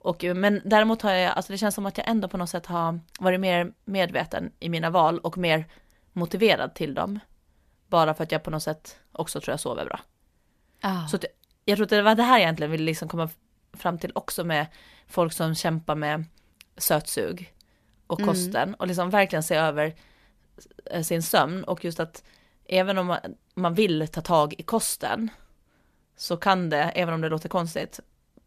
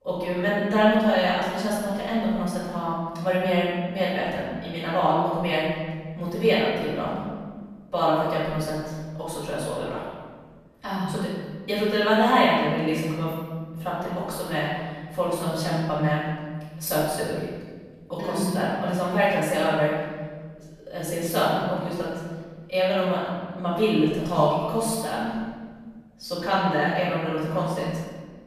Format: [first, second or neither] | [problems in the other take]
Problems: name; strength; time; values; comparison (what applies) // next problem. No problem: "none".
first | off-mic speech; far // room echo; strong; dies away in 1.6 s